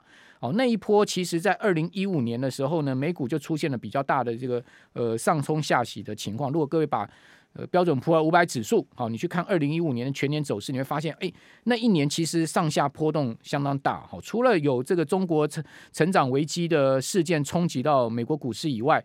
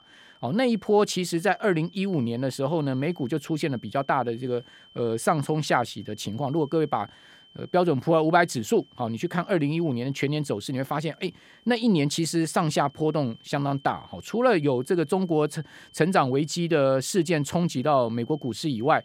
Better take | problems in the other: first | high-pitched whine; faint; throughout; 3 kHz, 30 dB below the speech

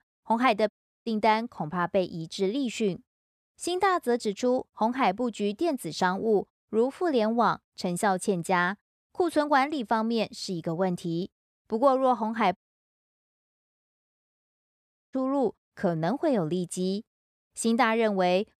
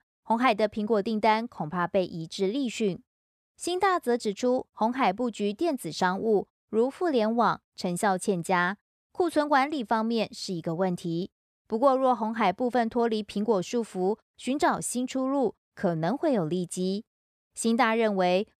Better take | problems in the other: second | audio cutting out; at 0.5 s and at 13 s for 2.5 s

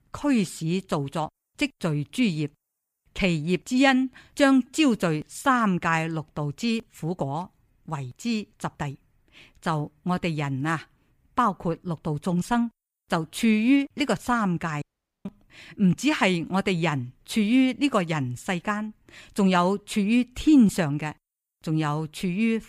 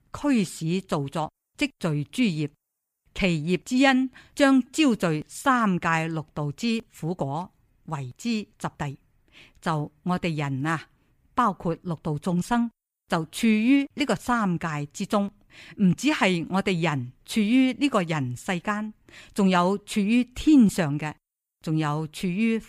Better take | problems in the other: second | audio cutting out; at 15 s

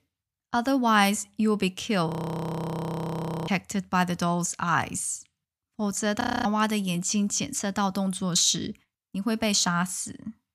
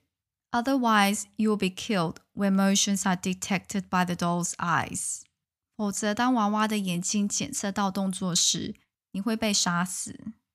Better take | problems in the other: second | audio freezing; at 2 s for 1.5 s and at 6 s

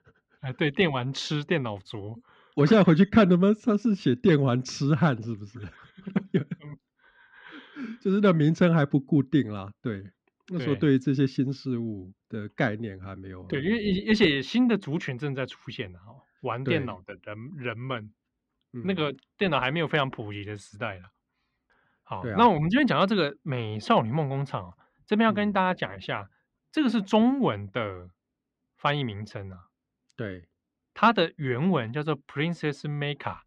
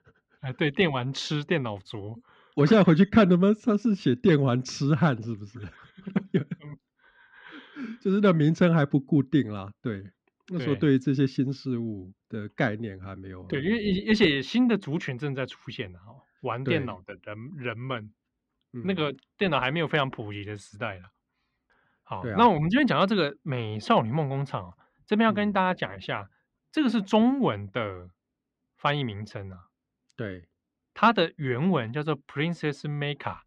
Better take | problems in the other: neither | muffled; slightly; fading above 3 kHz; the same in both

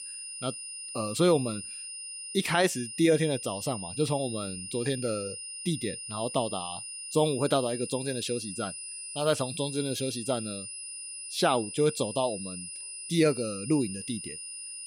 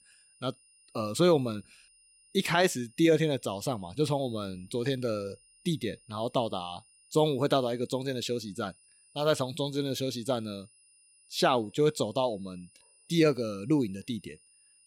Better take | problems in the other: second | high-pitched whine; loud; throughout; 9.5 kHz, 8 dB below the speech; faint in the second

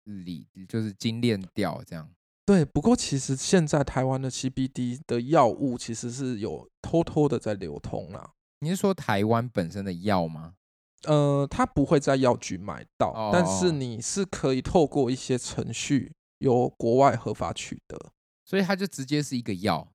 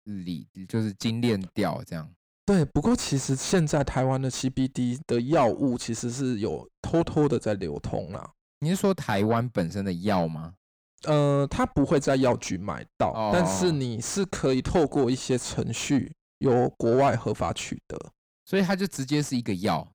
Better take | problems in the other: first | distortion; slight; 10 dB below the speech

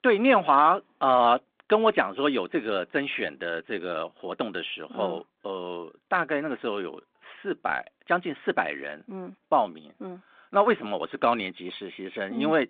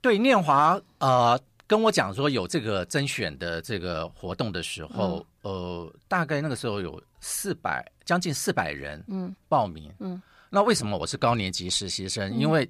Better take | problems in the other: second | phone-call audio

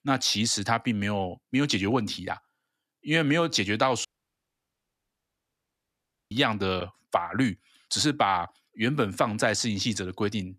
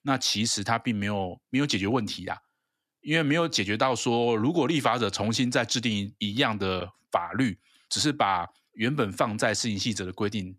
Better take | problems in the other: second | audio cutting out; at 4 s for 2.5 s

